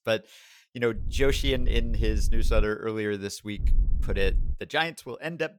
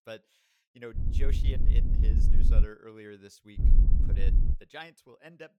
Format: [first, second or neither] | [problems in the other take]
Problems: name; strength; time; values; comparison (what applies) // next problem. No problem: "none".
first | wind noise on the microphone; heavy; from 1 to 2.5 s and at 3.5 s; 2 dB below the speech; occasional gusts in the first